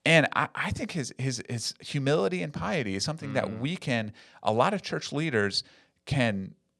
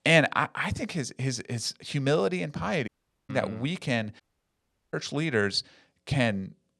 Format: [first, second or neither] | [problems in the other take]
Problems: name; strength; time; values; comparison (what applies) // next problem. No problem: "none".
first | audio cutting out; at 3 s and at 4 s for 0.5 s